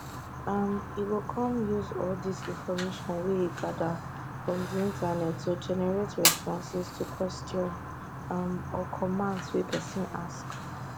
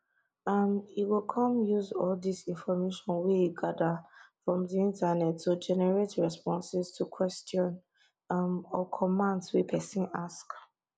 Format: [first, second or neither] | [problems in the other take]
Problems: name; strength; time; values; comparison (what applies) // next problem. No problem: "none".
second | background sound (Fire); 4 dB below the speech